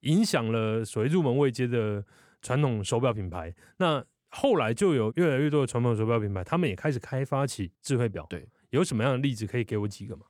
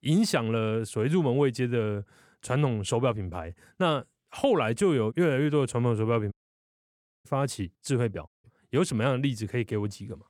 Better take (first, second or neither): first